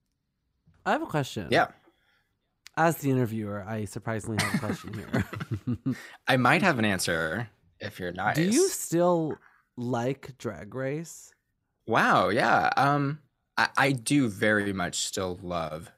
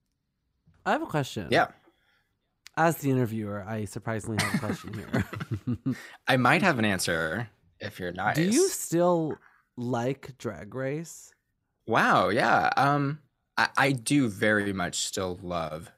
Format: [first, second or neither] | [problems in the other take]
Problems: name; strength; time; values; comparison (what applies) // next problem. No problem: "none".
neither | none